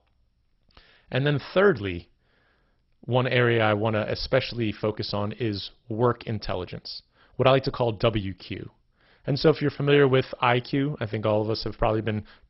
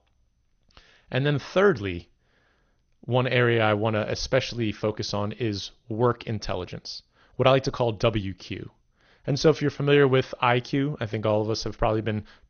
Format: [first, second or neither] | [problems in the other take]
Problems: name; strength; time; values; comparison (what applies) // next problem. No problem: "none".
second | garbled, watery; badly; nothing above 5.5 kHz; slightly in the second